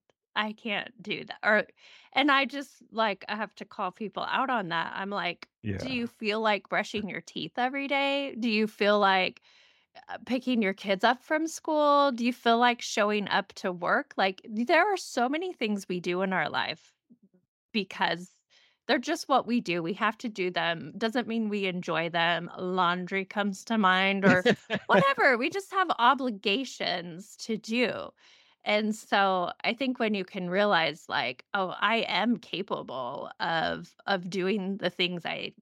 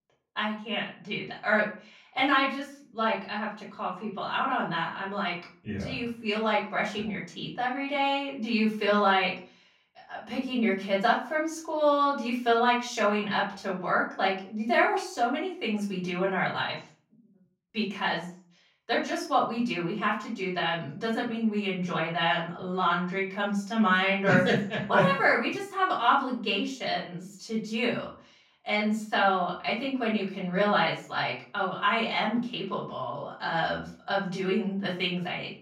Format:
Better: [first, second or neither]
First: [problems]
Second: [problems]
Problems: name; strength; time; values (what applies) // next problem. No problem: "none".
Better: first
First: none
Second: off-mic speech; far // room echo; slight; dies away in 0.3 s